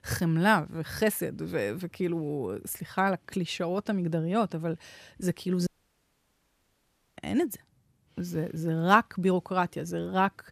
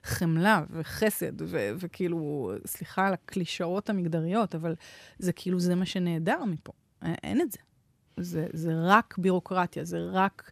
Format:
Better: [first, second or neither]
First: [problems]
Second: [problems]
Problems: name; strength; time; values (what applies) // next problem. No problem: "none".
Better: second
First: audio cutting out; at 5.5 s for 1.5 s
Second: none